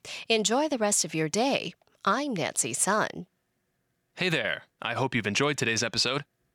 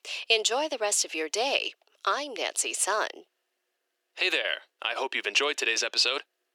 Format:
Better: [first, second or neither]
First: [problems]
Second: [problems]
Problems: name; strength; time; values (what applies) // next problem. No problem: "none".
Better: first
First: none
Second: thin; very; fading below 350 Hz